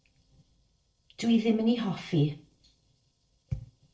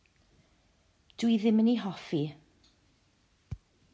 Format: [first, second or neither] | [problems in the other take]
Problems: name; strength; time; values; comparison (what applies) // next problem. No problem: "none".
second | noise reduction (neural separator model SepFormer DNS4)